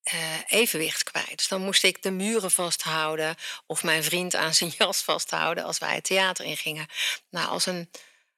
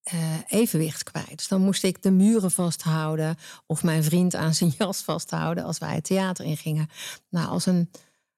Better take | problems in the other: second | thin; very; fading below 450 Hz

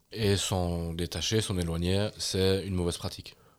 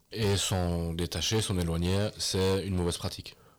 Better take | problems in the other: first | distortion; slight; 7% of the sound clipped

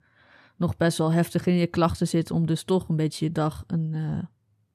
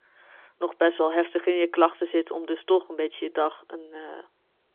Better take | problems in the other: first | phone-call audio; nothing above 3.5 kHz

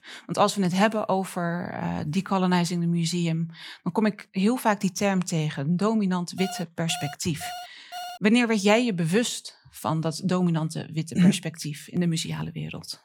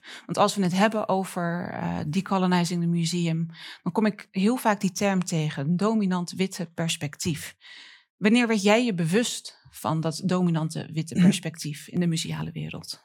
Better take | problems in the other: second | alarm; faint; from 6.5 to 8 s; peak 10 dB below the speech

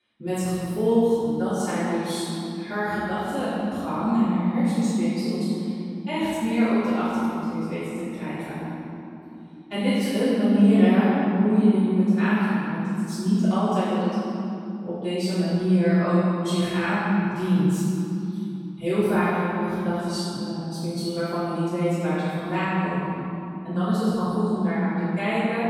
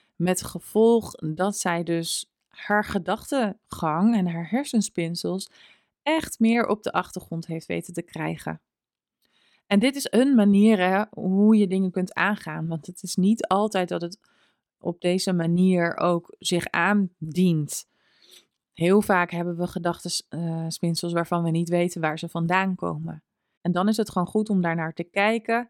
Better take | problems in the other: second | room echo; strong; dies away in 3 s // off-mic speech; far

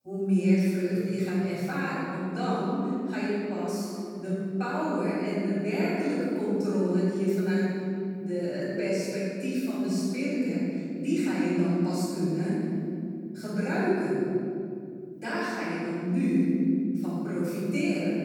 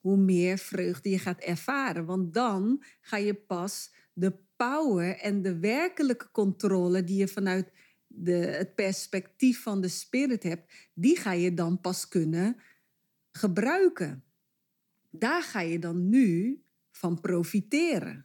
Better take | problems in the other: second | room echo; strong; dies away in 2.6 s // off-mic speech; far

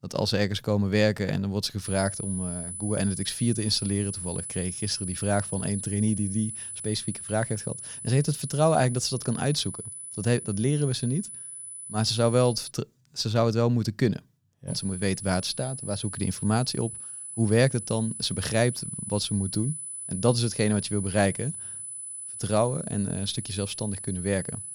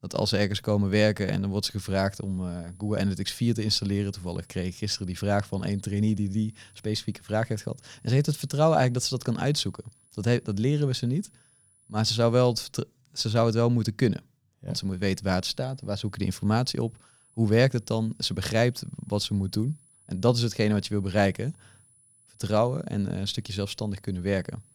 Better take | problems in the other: second | high-pitched whine; loud; from 2 to 13 s and from 15 s on; 10 kHz, 8 dB below the speech; faint in the second

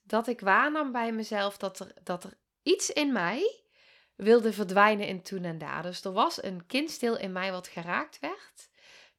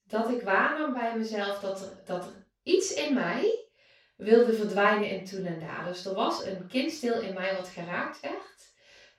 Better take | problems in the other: first | room echo; noticeable; dies away in 0.3 s // off-mic speech; far

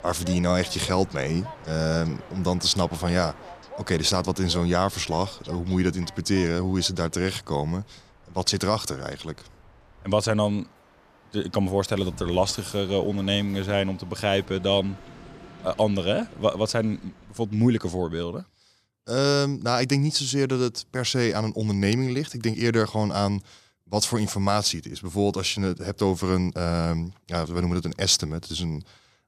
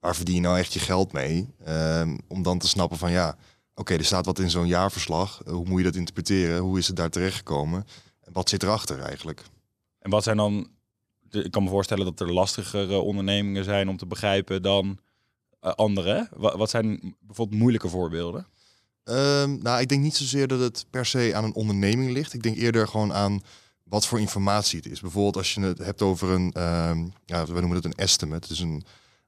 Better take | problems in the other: second | train or aircraft noise; noticeable; until 18 s; 20 dB below the speech

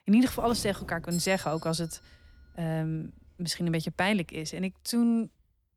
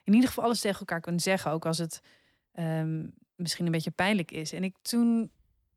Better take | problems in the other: second | doorbell; noticeable; until 4.5 s; peak 10 dB below the speech

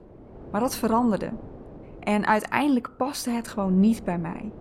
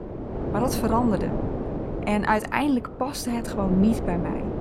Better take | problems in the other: first | wind noise on the microphone; heavy; 7 dB below the speech; occasional gusts in the first

